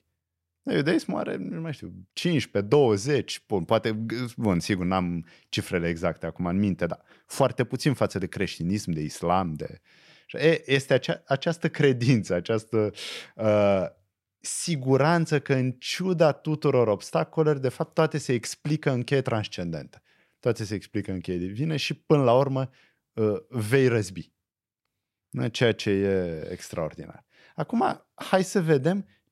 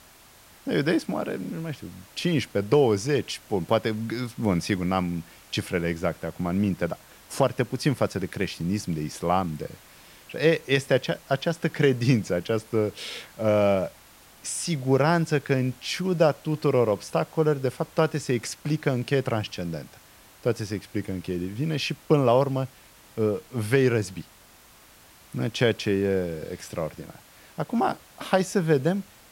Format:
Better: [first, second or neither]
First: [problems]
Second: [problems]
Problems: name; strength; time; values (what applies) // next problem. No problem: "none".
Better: first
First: none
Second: hiss; faint; throughout; 25 dB below the speech